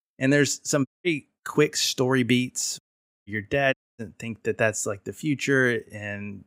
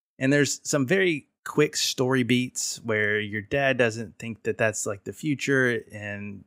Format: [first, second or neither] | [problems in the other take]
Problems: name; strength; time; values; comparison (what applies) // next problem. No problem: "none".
second | audio cutting out; at 1 s, at 3 s and at 3.5 s